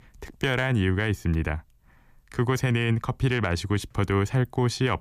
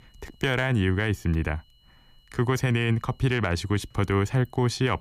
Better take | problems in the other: first | high-pitched whine; faint; throughout; 3 kHz, 35 dB below the speech

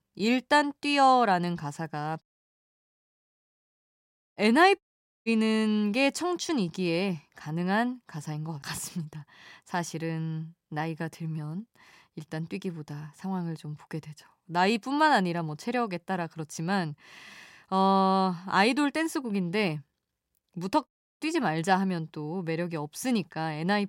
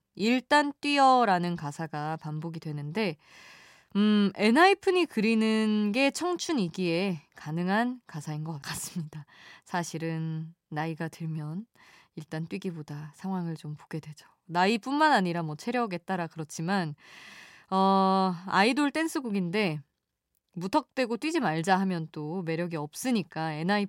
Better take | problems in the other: second | audio cutting out; at 2 s for 2 s, at 5 s and at 21 s

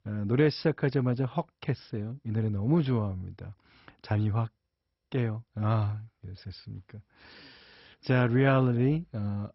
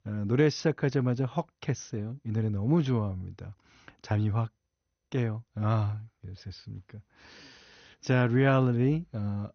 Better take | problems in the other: second | garbled, watery; badly; nothing above 5.5 kHz; slightly in the second

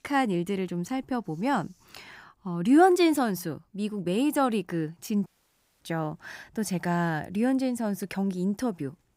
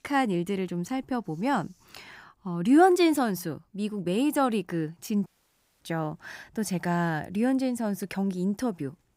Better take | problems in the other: neither | audio cutting out; at 5.5 s for 0.5 s; the same in both

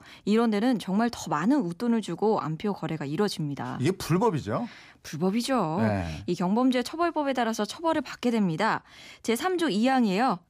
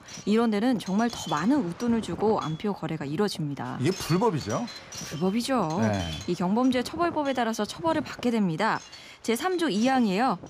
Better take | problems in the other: first | wind noise on the microphone; occasional gusts; 15 dB below the speech

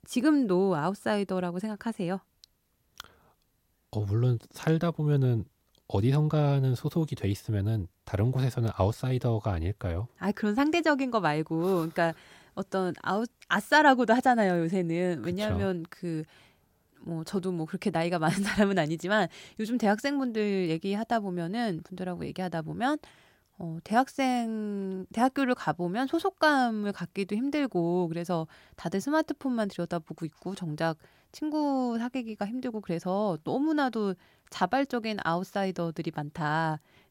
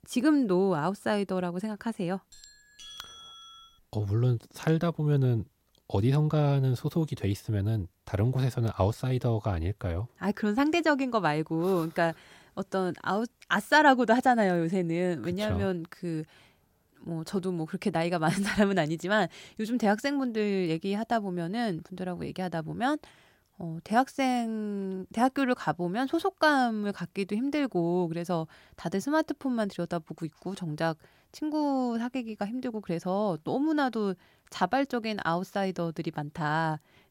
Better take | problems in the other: first | doorbell; faint; from 2.5 to 4 s; peak 15 dB below the speech

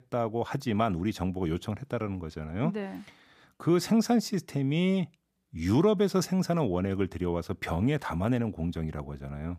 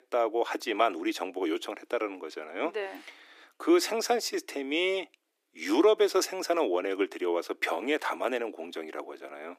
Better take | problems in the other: first | thin; very; fading below 300 Hz

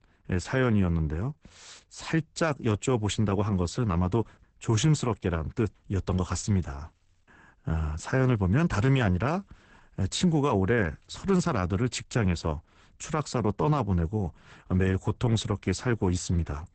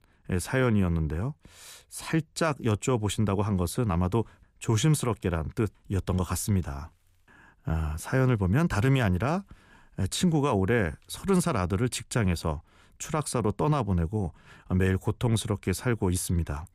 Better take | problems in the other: second | garbled, watery; badly; nothing above 8 kHz

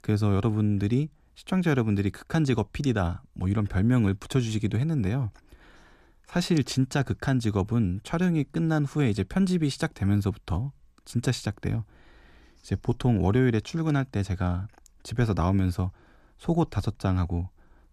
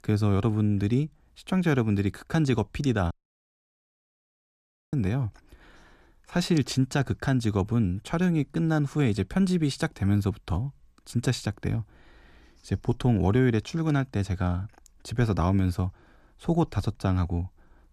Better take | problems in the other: first | audio cutting out; at 3 s for 2 s

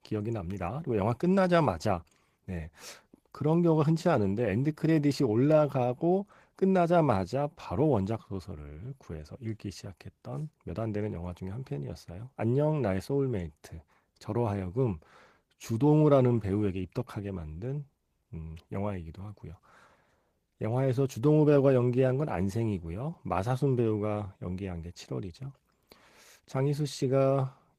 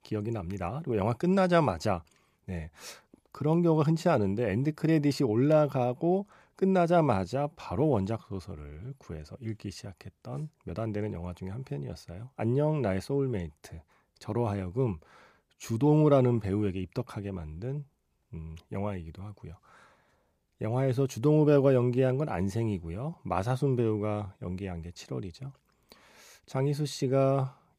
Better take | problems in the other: second | garbled, watery; slightly; nothing above 14.5 kHz

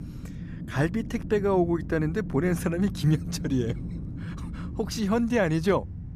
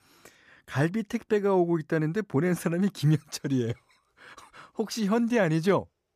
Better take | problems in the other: second | wind noise on the microphone; occasional gusts; 15 dB below the speech

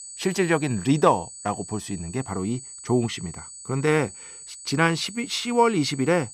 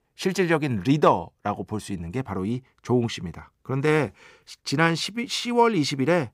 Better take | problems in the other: second | high-pitched whine; noticeable; throughout; 8 kHz, 15 dB below the speech

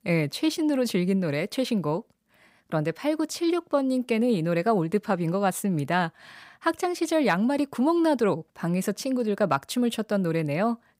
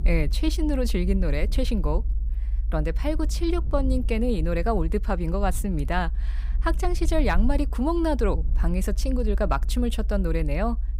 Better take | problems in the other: first | low rumble; faint; throughout; 20 dB below the speech

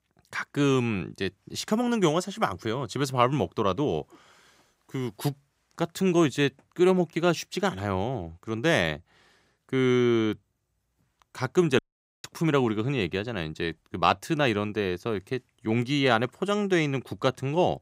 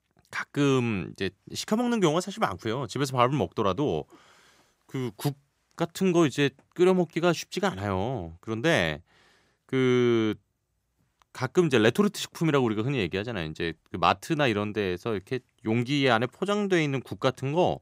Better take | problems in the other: second | audio cutting out; at 12 s

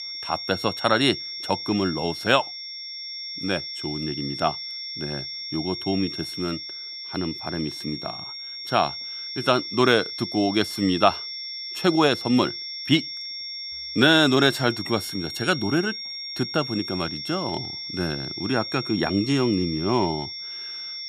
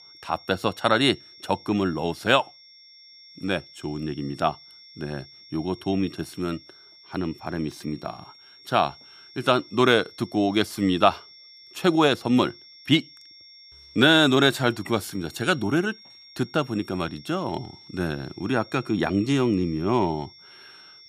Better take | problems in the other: second | high-pitched whine; loud; throughout; 5.5 kHz, 7 dB below the speech; faint in the second

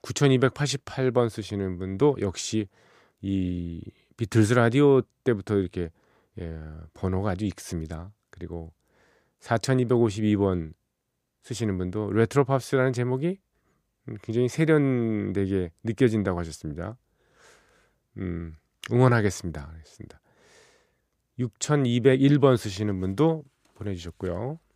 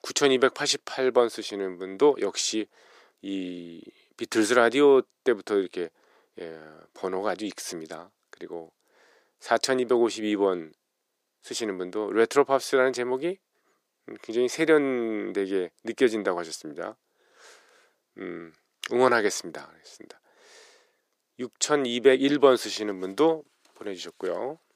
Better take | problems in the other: first | thin; somewhat; fading below 350 Hz

